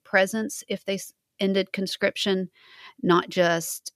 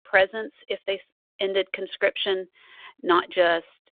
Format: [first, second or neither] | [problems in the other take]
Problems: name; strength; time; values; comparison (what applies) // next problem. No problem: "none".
first | phone-call audio